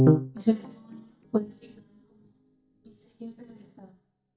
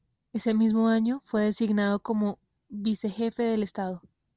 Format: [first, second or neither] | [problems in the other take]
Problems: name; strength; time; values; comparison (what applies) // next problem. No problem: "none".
second | noise reduction (neural mask model DeepFilterNet 3)